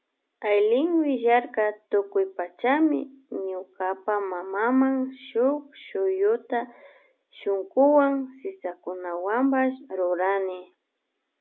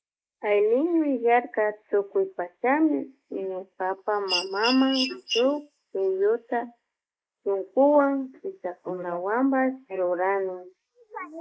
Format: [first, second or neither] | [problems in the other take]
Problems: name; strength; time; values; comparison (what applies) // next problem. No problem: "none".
first | noise reduction (neural mask model Resemble Enhance denoiser)